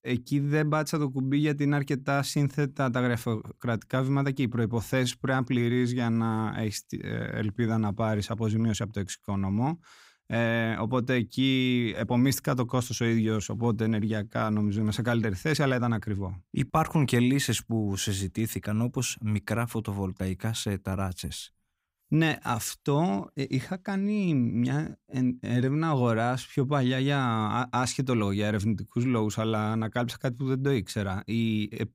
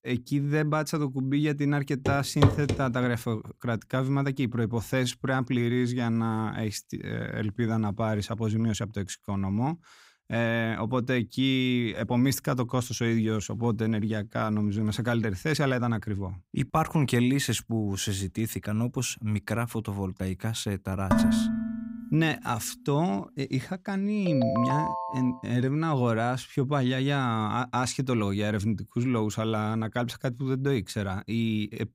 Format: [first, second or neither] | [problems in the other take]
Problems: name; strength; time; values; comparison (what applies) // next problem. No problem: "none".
first | footsteps; loud; at 2 s; peak 3 dB above the speech // clattering dishes; loud; at 21 s; peak 5 dB above the speech // phone ringing; noticeable; from 24 to 25 s; peak level with the speech